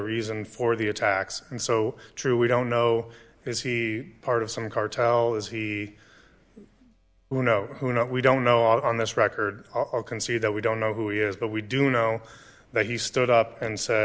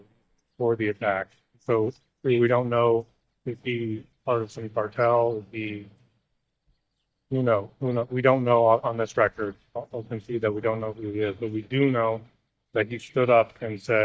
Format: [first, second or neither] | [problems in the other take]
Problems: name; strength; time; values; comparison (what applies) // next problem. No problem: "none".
first | noise reduction (neural mask model DeepFilterNet 3)